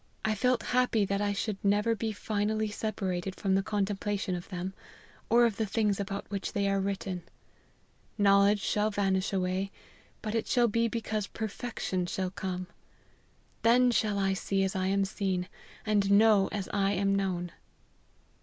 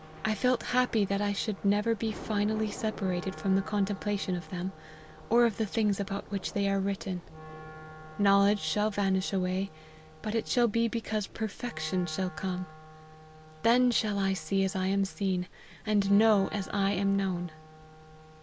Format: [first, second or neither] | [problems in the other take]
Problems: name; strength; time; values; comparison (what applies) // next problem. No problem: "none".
first | background sound (Wind instrument, woodwind instrument + Thunder / Rain); 18 dB below the speech